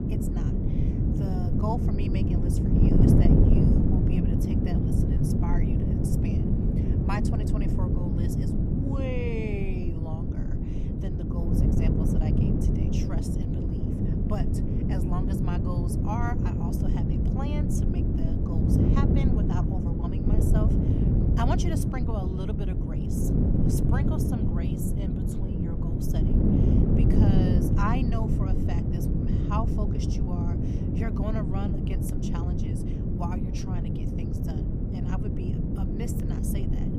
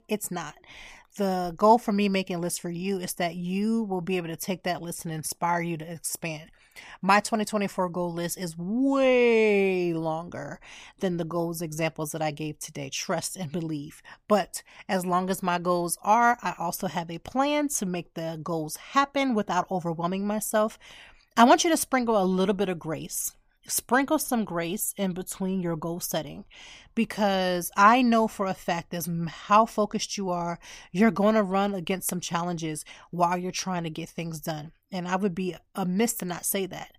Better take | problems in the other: second | wind noise on the microphone; heavy; 4 dB above the speech

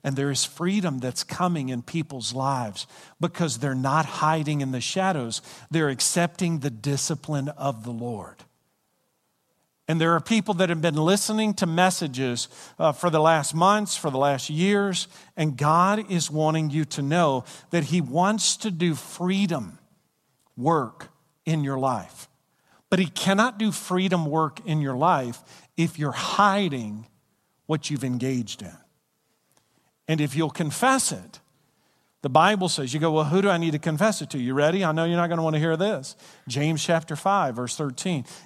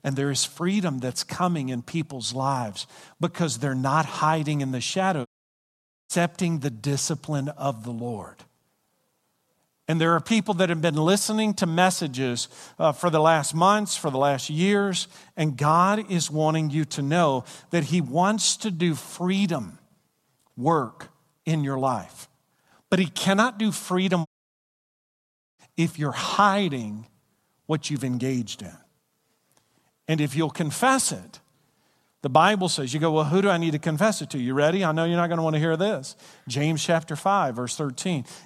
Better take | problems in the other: first | audio cutting out; at 5.5 s for 1 s and at 24 s for 1.5 s

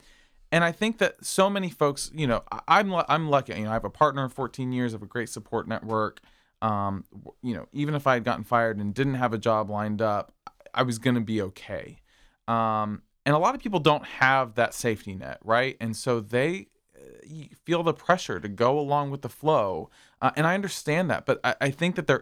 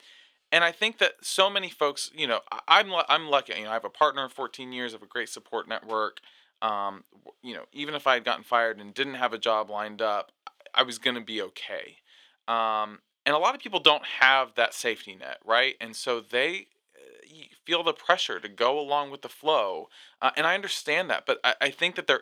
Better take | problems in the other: first | thin; somewhat; fading below 450 Hz

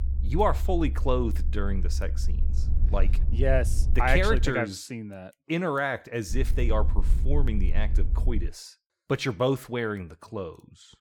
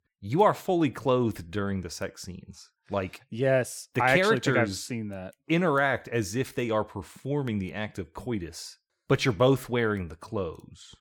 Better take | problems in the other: second | low rumble; noticeable; until 4.5 s and from 6.5 to 8.5 s; 20 dB below the speech

